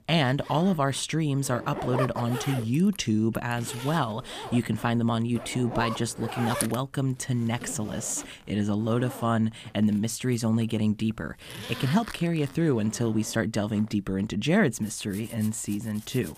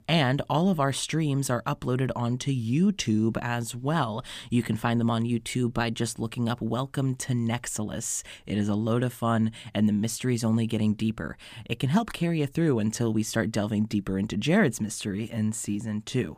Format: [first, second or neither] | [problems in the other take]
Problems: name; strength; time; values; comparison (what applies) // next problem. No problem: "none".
second | household noises; noticeable; throughout; 10 dB below the speech